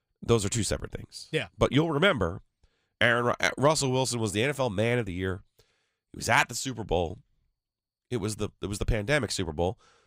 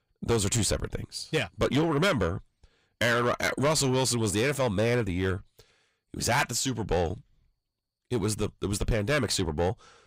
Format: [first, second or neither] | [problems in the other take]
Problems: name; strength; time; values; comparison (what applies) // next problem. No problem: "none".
first | distortion; heavy; 6 dB below the speech